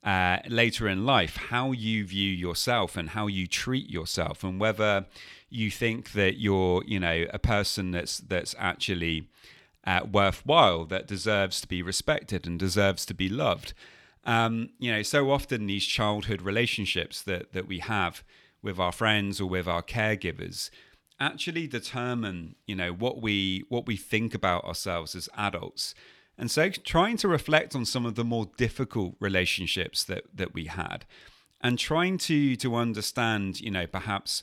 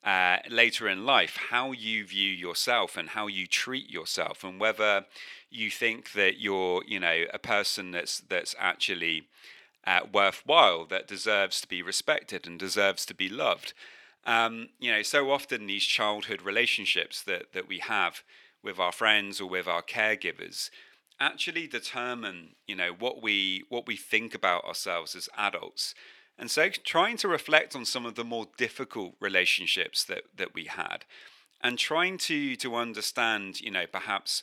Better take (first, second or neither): first